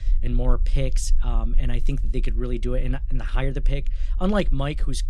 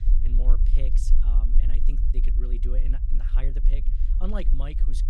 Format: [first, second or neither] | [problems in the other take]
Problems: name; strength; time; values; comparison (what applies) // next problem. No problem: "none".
first | low rumble; loud; throughout; 6 dB below the speech; faint in the first